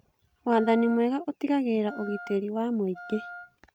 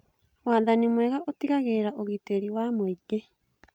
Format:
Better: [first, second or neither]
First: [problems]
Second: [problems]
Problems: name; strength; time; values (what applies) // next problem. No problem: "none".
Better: second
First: background sound (Wind instrument, woodwind instrument); 16 dB below the speech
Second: none